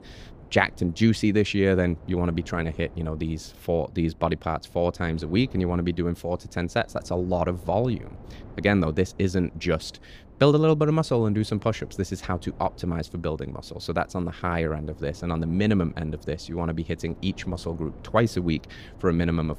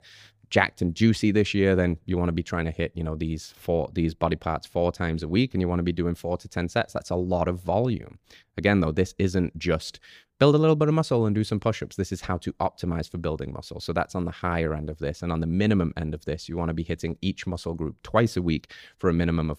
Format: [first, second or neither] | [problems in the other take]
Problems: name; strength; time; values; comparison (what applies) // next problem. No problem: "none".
second | wind noise on the microphone; occasional gusts; 25 dB below the speech